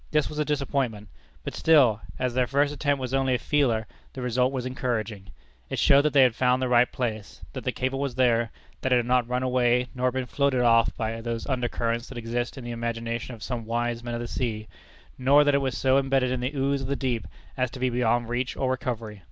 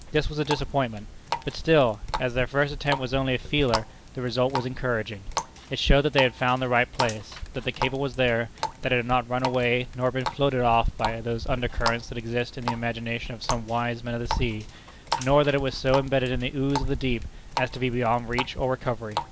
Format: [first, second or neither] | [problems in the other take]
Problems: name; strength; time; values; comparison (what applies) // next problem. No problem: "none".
first | background sound (Water tap, faucet); 10 dB below the speech